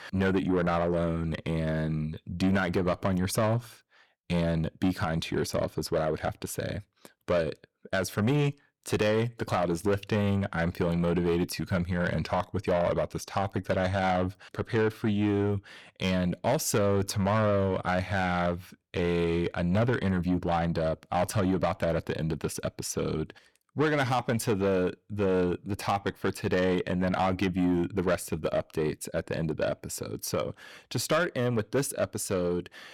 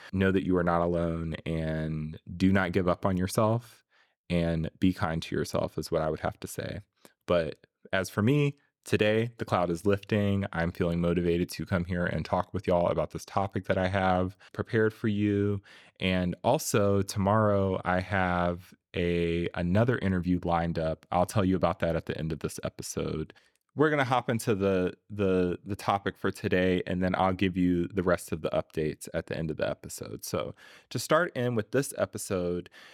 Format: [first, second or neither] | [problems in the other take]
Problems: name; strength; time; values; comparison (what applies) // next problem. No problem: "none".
second | distortion; slight; 10 dB below the speech